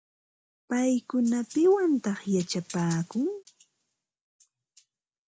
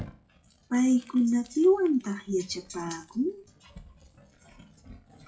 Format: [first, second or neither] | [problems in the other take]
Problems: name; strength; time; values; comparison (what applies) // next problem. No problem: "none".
first | noise reduction (classical method WPE with log-MMSE)